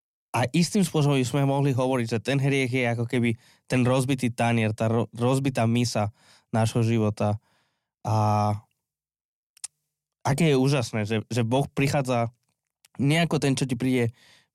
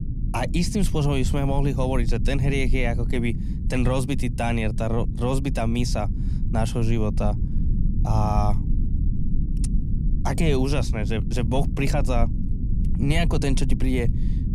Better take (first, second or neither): first